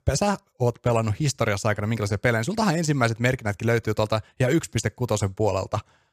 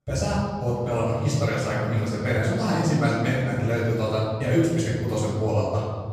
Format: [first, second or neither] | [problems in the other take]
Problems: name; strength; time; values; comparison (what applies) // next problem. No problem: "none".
first | off-mic speech; far // room echo; strong; dies away in 2 s